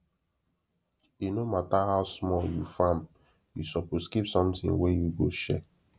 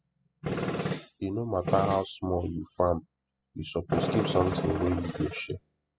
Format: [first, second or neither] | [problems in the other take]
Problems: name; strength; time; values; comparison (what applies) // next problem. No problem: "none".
first | noise reduction (classical method spectral subtraction)